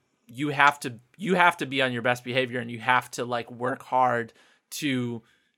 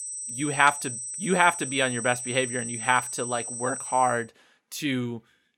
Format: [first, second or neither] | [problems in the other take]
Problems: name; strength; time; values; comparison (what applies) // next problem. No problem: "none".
first | high-pitched whine; loud; until 4 s; 8.5 kHz, 6 dB below the speech